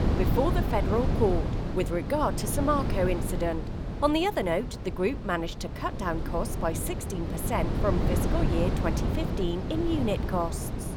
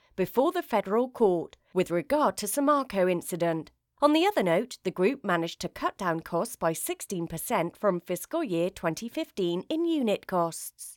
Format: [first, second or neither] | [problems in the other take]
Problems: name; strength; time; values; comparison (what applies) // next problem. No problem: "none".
second | wind noise on the microphone; heavy; 7 dB below the speech